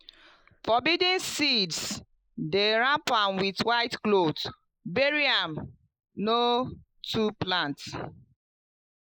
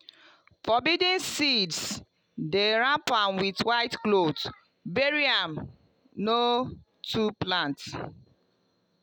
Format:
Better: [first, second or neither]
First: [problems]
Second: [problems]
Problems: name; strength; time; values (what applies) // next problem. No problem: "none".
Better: second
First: noise reduction (neural mask model Resemble Enhance denoiser)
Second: none